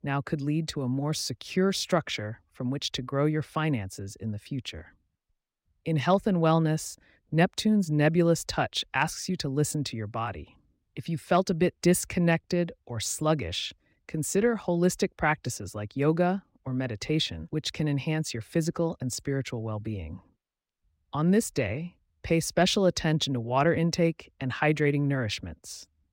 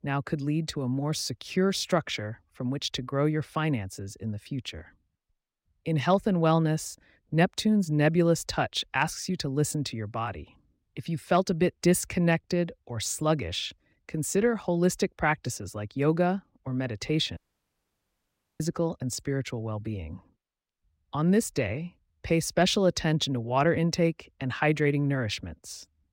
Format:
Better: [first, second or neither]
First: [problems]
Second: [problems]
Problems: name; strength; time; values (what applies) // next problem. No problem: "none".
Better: first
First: none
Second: audio cutting out; at 17 s for 1 s